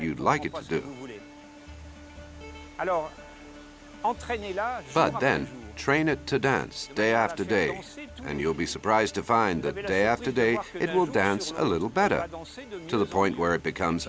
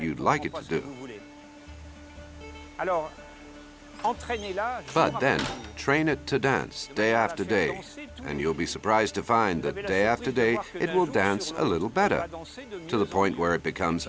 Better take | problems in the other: first | background sound (Slam); 14 dB below the speech

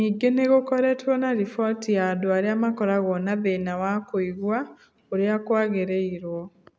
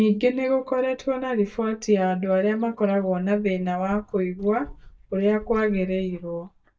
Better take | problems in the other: first | noise reduction (neural mask model DeepFilterNet 3)

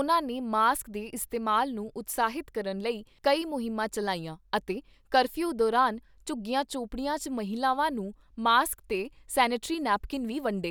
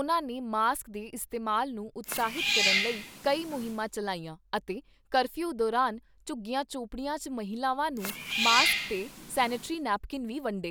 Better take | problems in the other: first | background sound (Cat); 1 dB below the speech

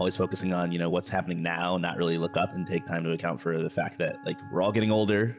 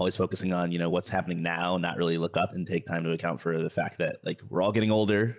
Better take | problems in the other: second | background sound (Wind instrument, woodwind instrument); 19 dB below the speech

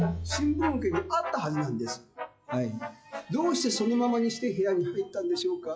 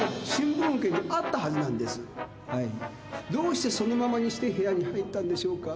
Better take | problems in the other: second | noise reduction (classical method log-MMSE)

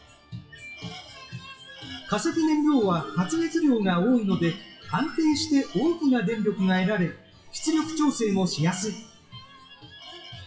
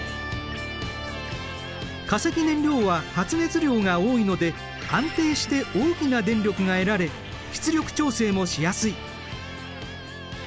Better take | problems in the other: second | noise reduction (classical method WPE with log-MMSE)

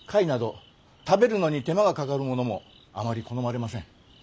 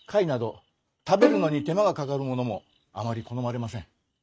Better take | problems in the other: first | noise reduction (neural mask model RNNoise)

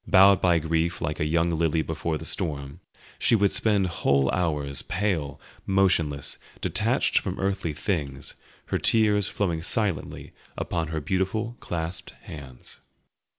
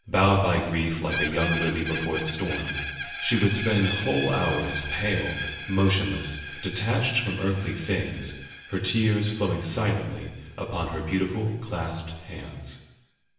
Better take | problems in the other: first | background sound (Screech); 10 dB below the speech // room echo; dies away in 1 s

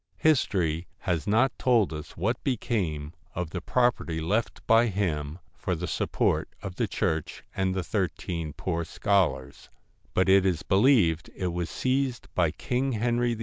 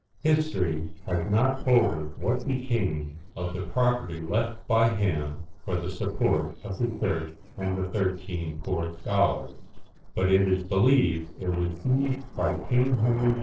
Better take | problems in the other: first | noise reduction (neural separator model SepFormer DNS4)

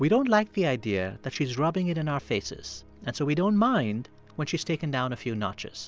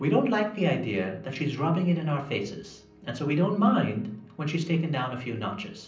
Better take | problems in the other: first | room echo; dies away in 0.6 s

